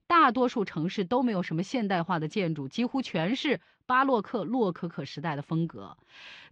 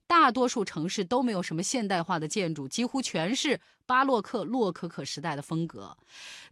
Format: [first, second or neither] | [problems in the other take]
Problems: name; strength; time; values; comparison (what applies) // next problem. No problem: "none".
second | muffled; slightly; fading above 3.5 kHz